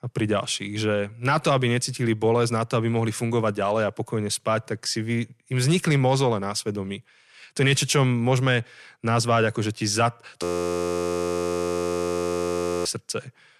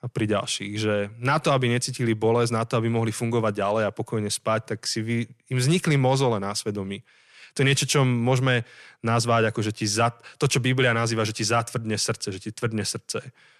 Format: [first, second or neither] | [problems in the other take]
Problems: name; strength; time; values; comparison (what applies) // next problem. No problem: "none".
second | audio freezing; at 10 s for 2.5 s